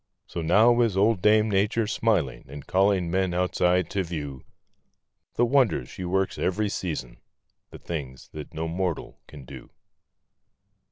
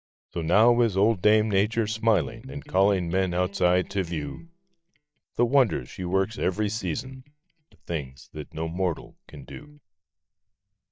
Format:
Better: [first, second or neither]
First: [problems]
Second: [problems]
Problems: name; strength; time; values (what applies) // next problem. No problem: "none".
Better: first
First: none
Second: noise reduction (neural mask model DeepFilterNet 3)